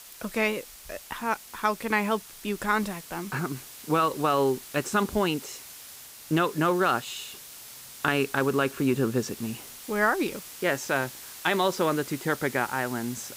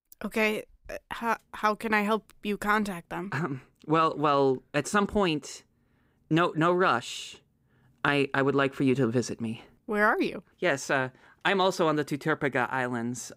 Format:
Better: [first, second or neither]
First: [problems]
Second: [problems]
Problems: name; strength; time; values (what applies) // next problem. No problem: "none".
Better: second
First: hiss; noticeable; throughout; 15 dB below the speech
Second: none